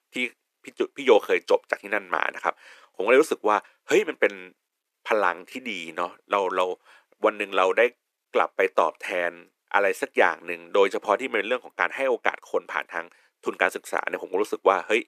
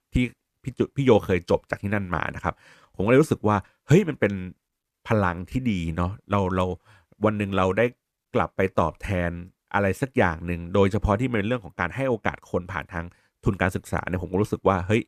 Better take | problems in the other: second | thin; very; fading below 350 Hz

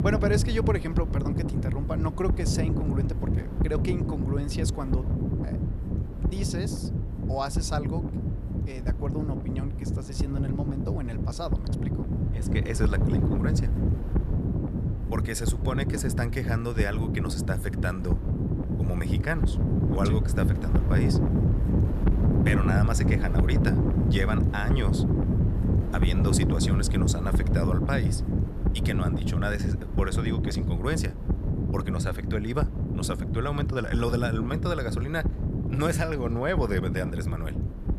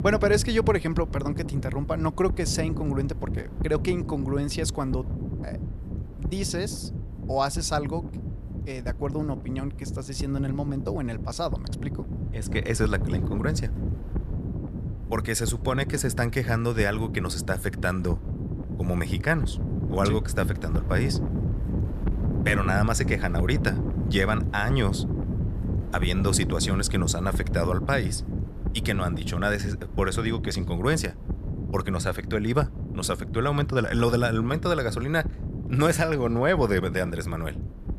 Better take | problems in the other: second | wind noise on the microphone; heavy; 3 dB below the speech; occasional gusts in the second

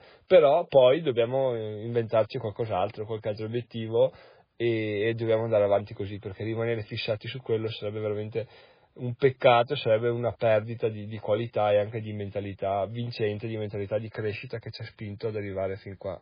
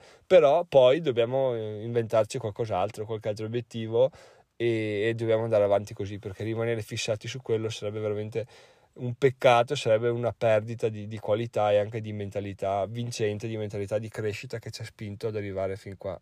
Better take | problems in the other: second | garbled, watery; badly

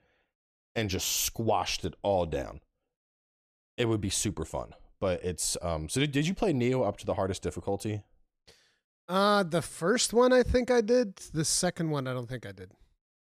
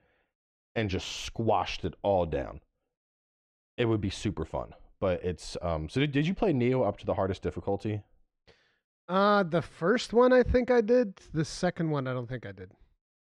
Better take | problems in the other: first | muffled; slightly; fading above 3 kHz

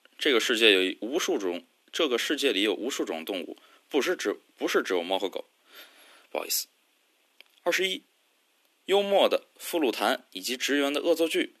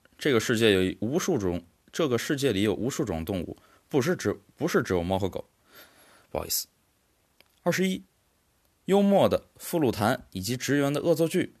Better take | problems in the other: second | thin; very slightly; fading below 250 Hz

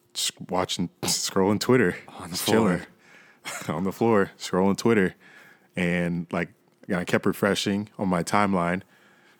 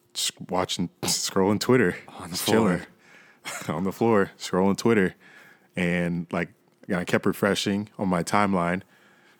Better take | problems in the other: neither | none

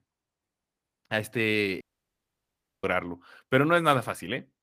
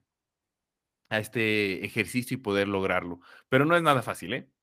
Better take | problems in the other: second | audio cutting out; at 2 s for 1 s

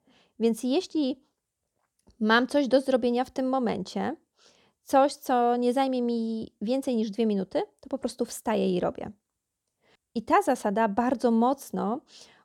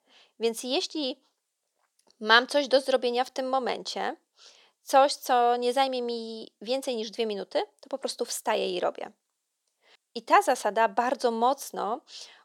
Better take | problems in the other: first | thin; somewhat; fading below 500 Hz

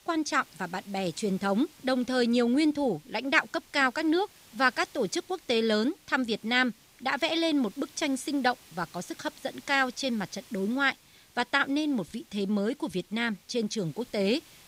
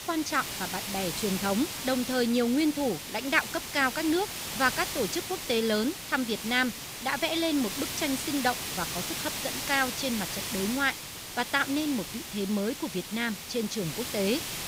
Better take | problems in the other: first | hiss; loud; throughout; 5 dB below the speech; faint in the first

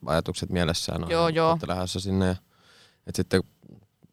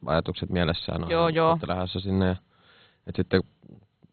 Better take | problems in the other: first | garbled, watery; badly; nothing above 4 kHz

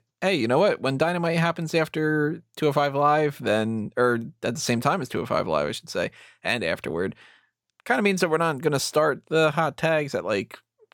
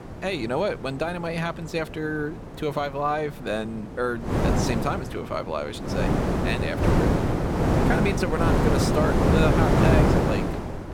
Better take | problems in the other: first | wind noise on the microphone; heavy; 2 dB above the speech

